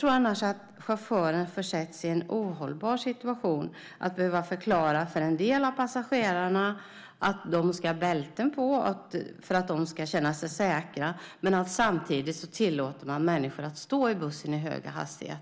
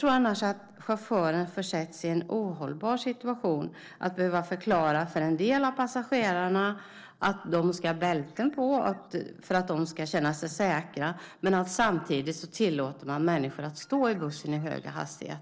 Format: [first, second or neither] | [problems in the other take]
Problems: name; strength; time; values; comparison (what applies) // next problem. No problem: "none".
first | noise reduction (neural separator model SepFormer DNS4)